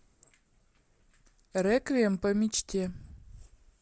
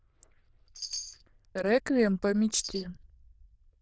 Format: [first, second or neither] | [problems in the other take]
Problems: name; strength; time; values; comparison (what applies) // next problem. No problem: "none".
first | noise reduction (neural diffusion model UNIVERSE++)